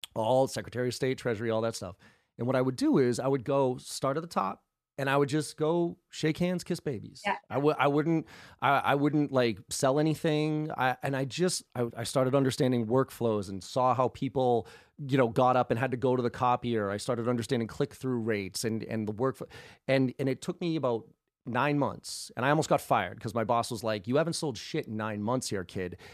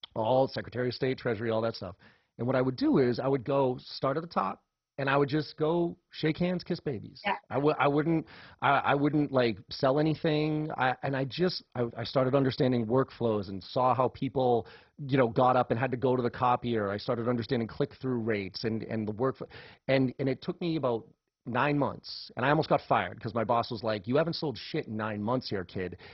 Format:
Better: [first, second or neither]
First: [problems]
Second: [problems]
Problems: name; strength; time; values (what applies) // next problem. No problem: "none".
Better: first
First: none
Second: garbled, watery; badly; nothing above 5.5 kHz